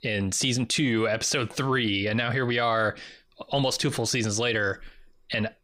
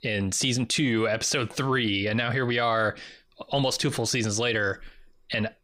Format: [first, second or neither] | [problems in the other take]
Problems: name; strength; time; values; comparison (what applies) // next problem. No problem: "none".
neither | none